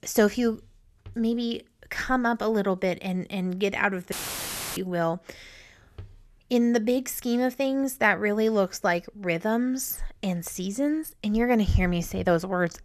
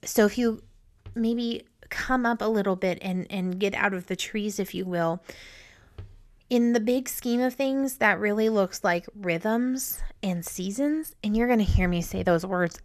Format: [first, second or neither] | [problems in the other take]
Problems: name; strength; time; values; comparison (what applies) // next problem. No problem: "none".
second | audio cutting out; filled with static; at 4 s for 0.5 s